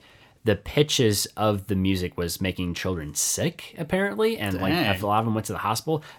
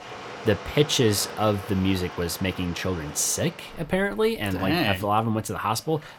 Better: first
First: none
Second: rain or running water; noticeable; throughout; 15 dB below the speech

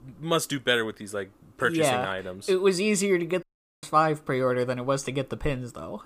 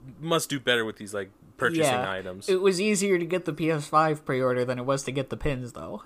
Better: second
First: audio cutting out; at 3.5 s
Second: none

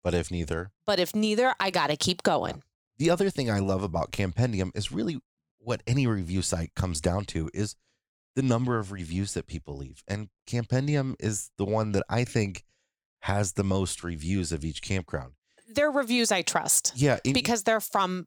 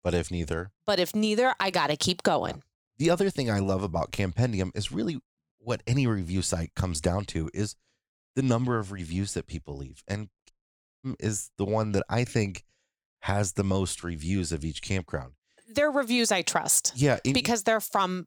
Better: first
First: none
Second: audio cutting out; at 11 s for 0.5 s

